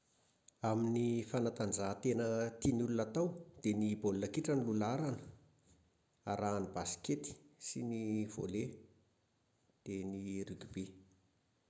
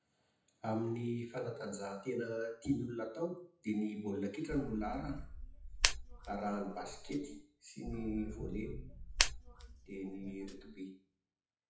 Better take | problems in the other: first | noise reduction (classical method WPE with log-MMSE)

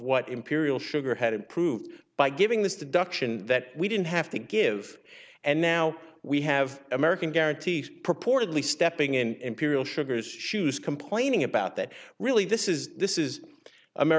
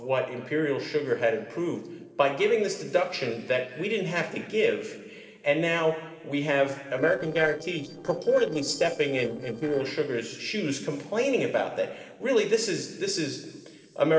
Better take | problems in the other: first | noise reduction (neural separator model SepFormer DNS4)

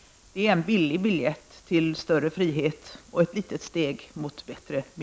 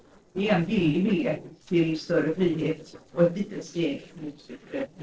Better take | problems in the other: first | noise reduction (neural separator model SepFormer DNS4)

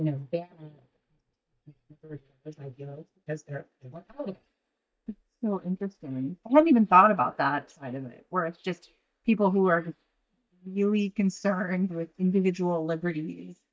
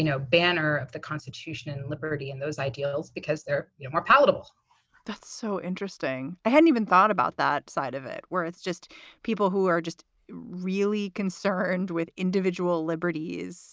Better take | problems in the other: second | noise reduction (neural mask model DeepFilterNet 3)

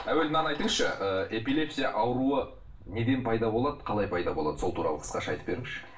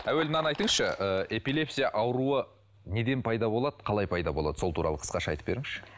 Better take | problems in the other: second | background sound (Wind); 20 dB below the speech // room echo; dies away in 0.3 s

